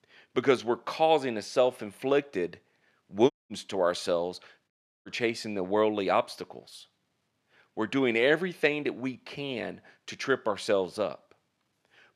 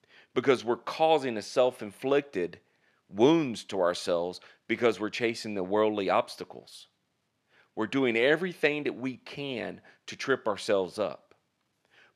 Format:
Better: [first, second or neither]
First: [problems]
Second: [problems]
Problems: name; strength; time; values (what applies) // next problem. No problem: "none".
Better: second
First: audio cutting out; at 3.5 s and at 4.5 s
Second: none